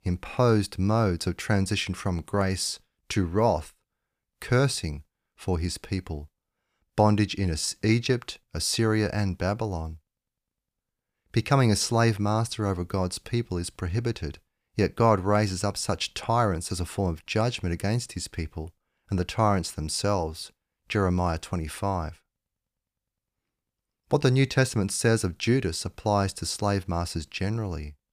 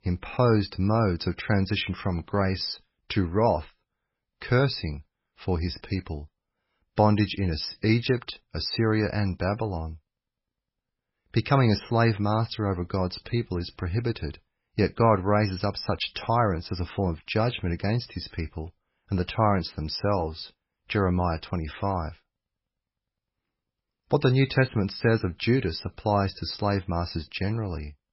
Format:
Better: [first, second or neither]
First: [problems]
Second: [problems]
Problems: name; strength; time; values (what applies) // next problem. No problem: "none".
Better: first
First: none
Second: garbled, watery; badly; nothing above 5.5 kHz